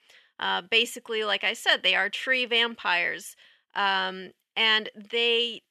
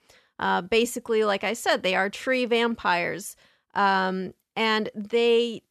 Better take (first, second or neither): second